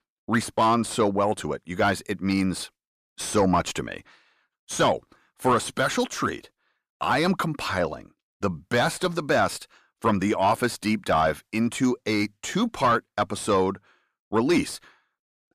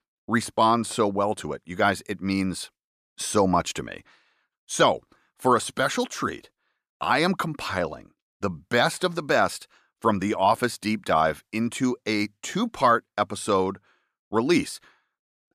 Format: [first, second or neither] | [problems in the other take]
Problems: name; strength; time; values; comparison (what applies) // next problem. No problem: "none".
second | distortion; slight; 10 dB below the speech